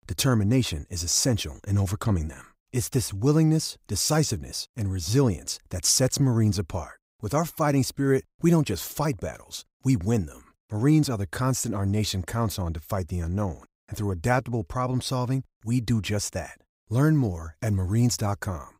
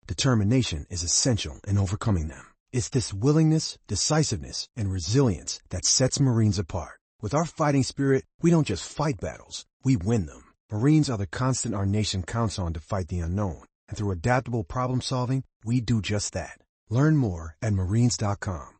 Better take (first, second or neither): first